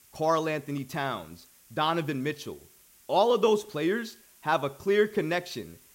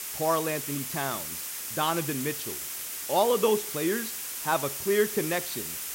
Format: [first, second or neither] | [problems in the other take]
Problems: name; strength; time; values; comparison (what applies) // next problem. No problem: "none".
first | hiss; loud; throughout; 4 dB below the speech; faint in the first